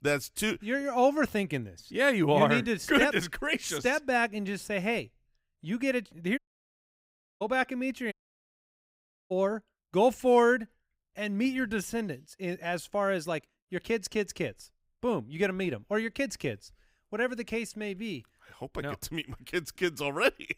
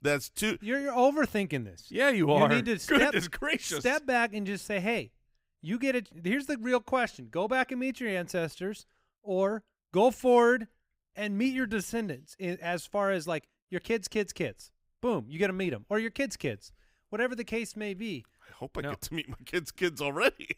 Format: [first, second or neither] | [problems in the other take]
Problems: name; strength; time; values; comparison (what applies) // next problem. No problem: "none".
second | audio cutting out; at 6.5 s for 1 s and at 8 s for 1 s